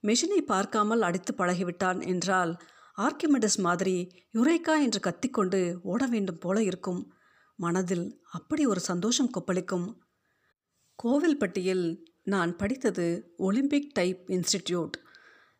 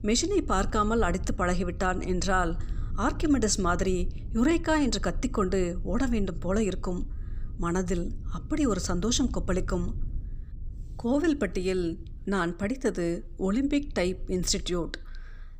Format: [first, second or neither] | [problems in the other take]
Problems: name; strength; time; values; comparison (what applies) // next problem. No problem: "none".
first | low rumble; faint; throughout; 25 dB below the speech